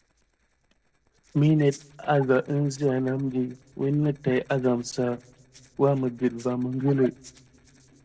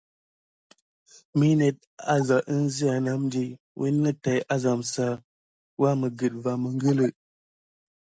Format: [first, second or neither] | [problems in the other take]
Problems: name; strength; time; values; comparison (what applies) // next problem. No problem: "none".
second | noise reduction (neural separator model SepFormer DNS4)